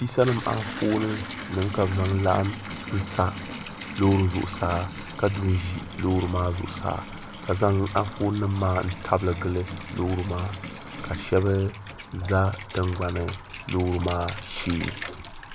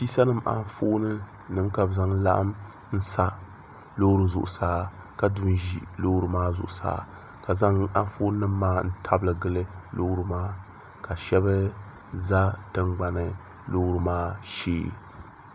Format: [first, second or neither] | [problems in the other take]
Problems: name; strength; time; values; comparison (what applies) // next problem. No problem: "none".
second | background sound (Bathtub (filling or washing) / Water tap, faucet); 11 dB below the speech